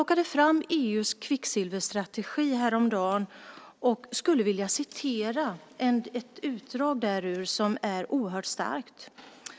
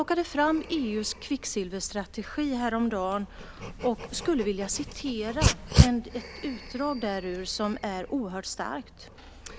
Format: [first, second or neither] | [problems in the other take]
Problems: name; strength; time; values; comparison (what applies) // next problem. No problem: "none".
first | background sound (Dog); 2 dB below the speech